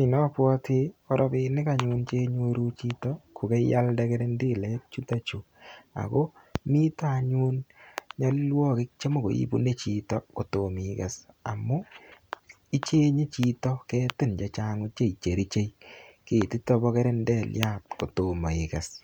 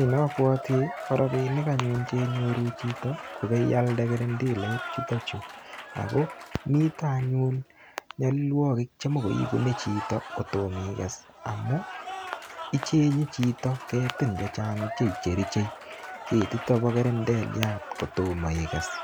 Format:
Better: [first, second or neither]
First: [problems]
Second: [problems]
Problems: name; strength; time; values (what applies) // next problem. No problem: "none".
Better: first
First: none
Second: background sound (Applause / Cheering); 12 dB below the speech